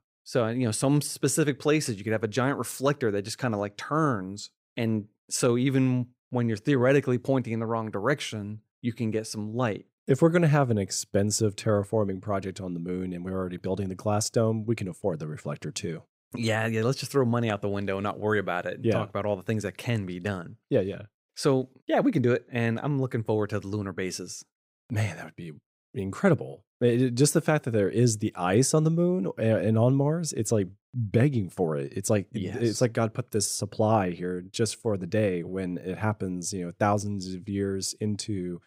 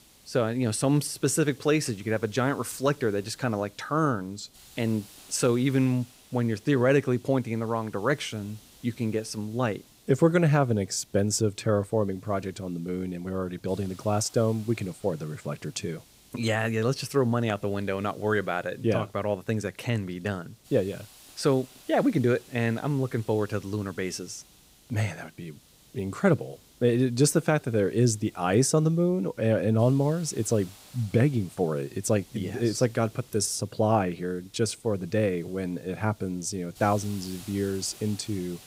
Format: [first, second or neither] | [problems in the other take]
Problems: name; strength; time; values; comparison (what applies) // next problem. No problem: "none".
first | hiss; faint; throughout; 25 dB below the speech